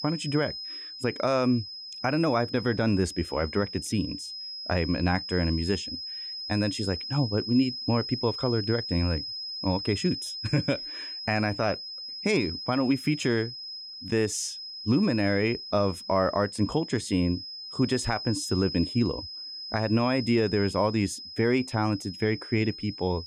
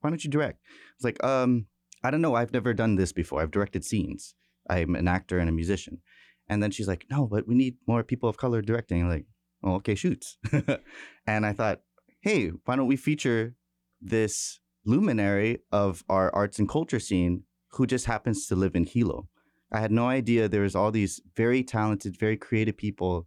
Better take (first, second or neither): second